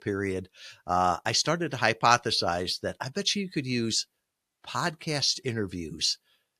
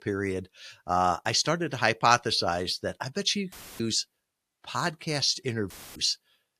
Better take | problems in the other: first | audio cutting out; filled with static; at 3.5 s and at 5.5 s

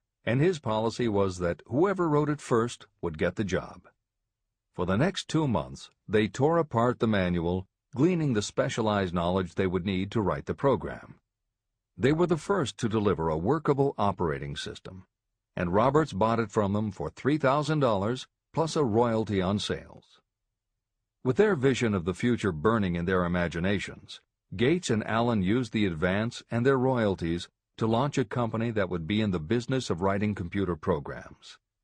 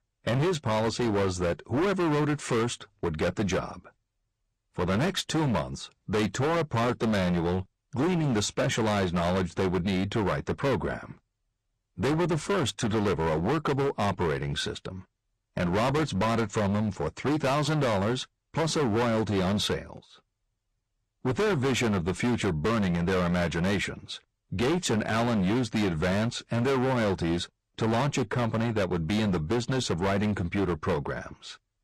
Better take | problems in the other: first | distortion; heavy; 23% of the sound clipped

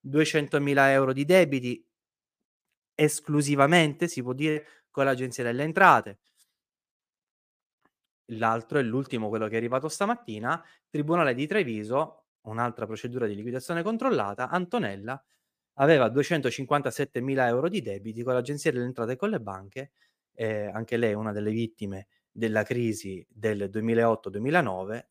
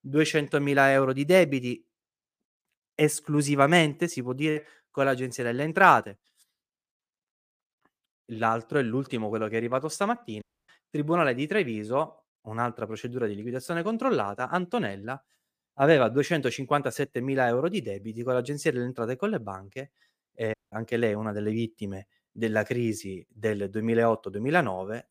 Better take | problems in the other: first | audio cutting out; at 10 s and at 21 s

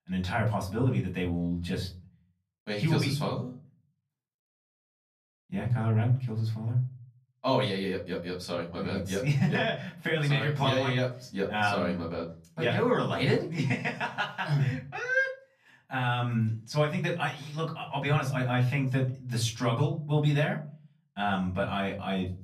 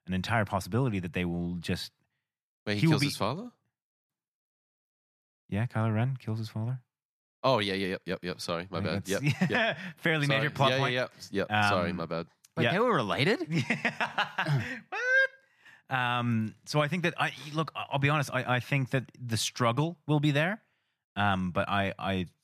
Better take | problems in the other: second | off-mic speech; far // room echo; very slight; dies away in 0.4 s

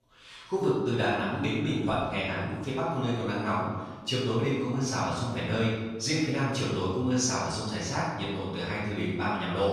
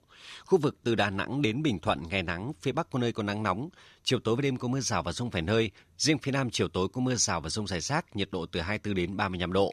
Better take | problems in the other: second | room echo; strong; dies away in 1 s // off-mic speech; far

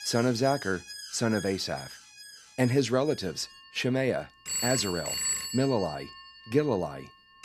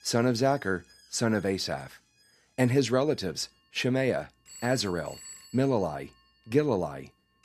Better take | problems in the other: second | alarms or sirens; loud; throughout; 5 dB below the speech; faint in the second

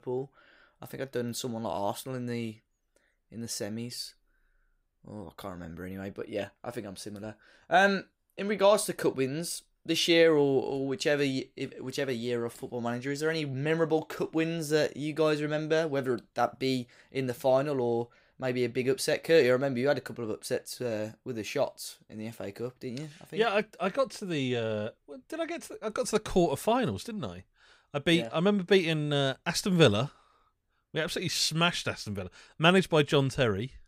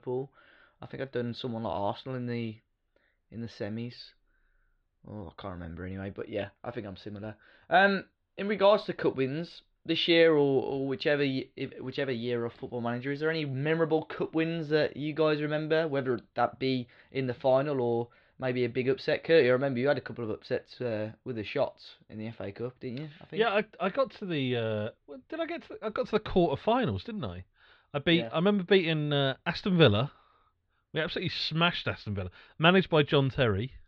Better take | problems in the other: first | muffled; very slightly; fading above 4 kHz

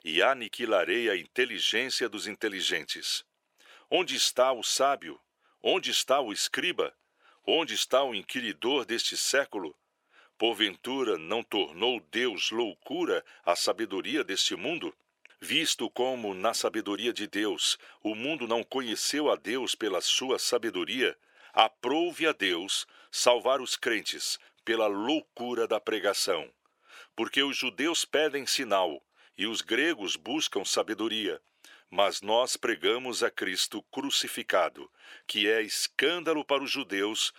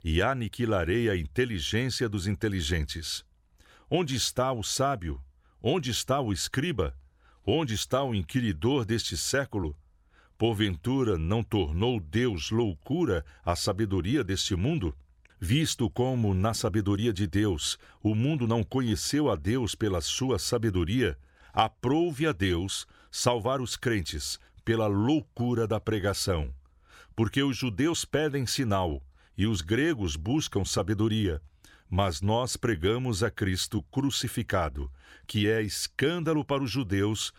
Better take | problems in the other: second | thin; very; fading below 350 Hz

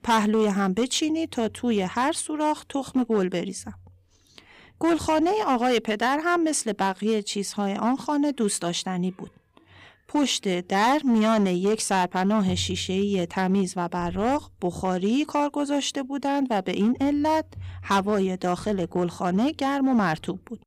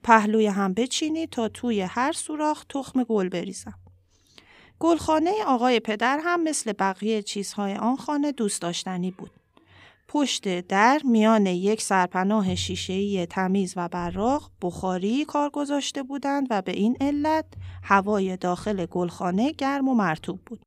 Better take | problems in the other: second | distortion; slight; 6% of the sound clipped

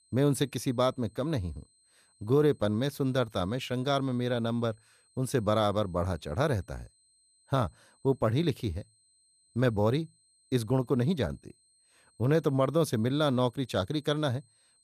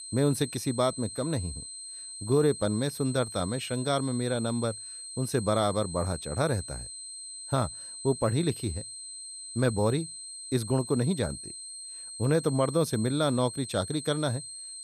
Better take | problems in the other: first | high-pitched whine; loud; throughout; 8.5 kHz, 10 dB below the speech; faint in the first

